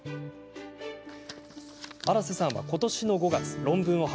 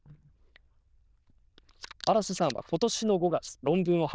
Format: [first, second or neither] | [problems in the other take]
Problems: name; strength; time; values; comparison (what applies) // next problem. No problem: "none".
first | noise reduction (neural diffusion model UNIVERSE++)